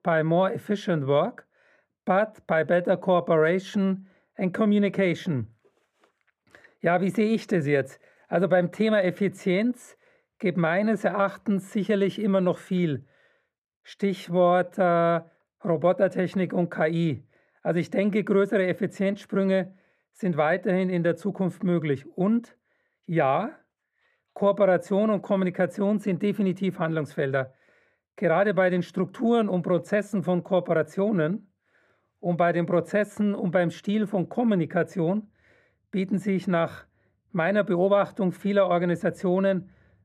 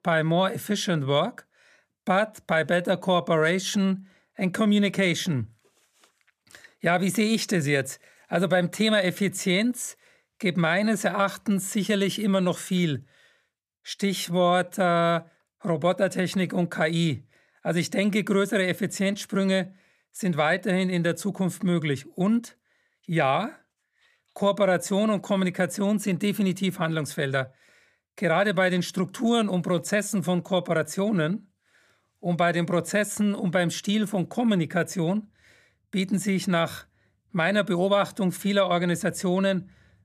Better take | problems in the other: second | muffled; very; fading above 3 kHz

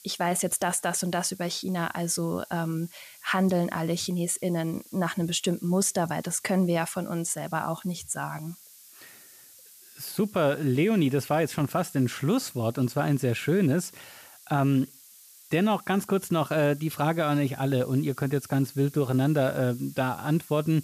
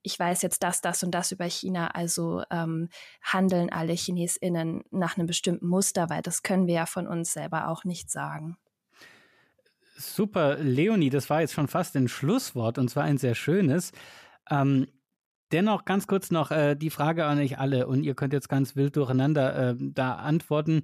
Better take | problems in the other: second | hiss; faint; throughout; 20 dB below the speech

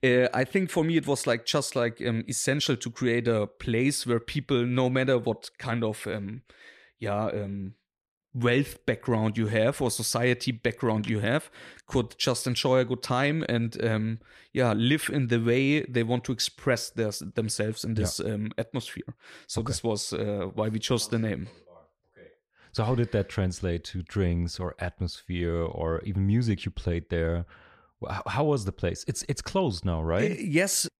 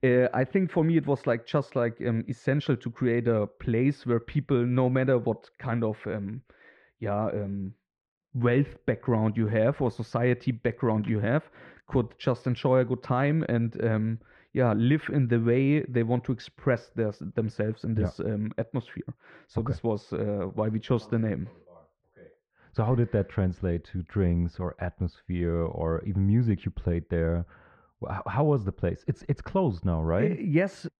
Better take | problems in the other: first | muffled; very; fading above 1.5 kHz

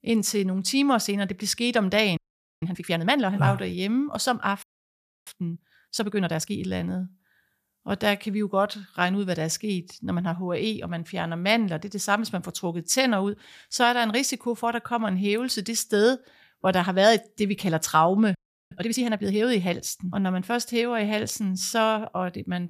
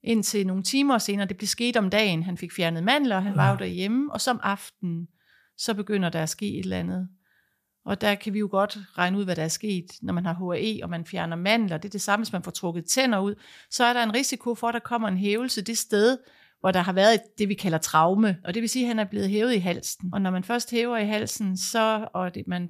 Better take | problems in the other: second | audio freezing; at 2 s, at 4.5 s for 0.5 s and at 18 s

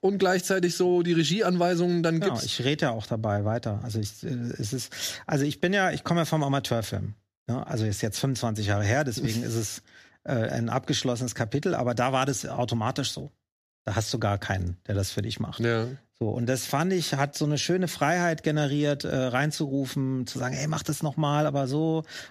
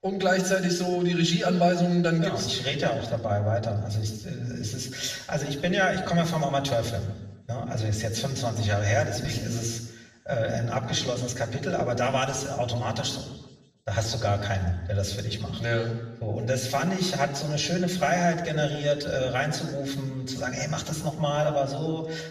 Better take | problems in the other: first | room echo; slight; dies away in 0.9 s // off-mic speech; far

